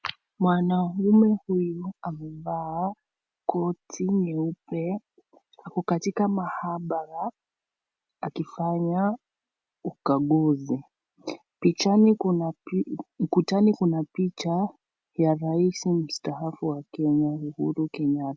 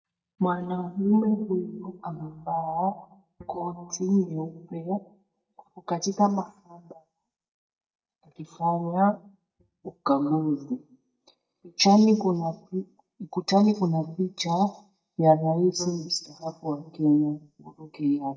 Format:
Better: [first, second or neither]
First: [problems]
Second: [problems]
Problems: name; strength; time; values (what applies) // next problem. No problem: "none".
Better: first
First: none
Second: noise reduction (neural mask model DeepFilterNet 3)